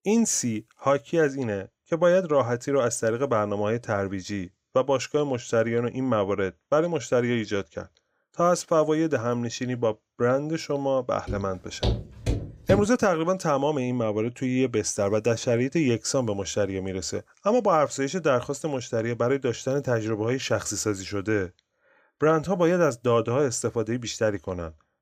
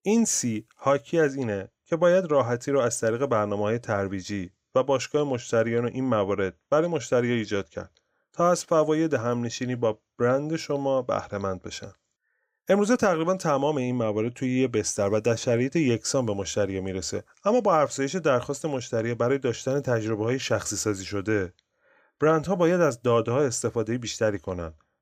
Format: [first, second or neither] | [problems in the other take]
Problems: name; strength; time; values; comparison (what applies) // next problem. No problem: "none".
second | footsteps; noticeable; from 11 to 13 s; peak 3 dB below the speech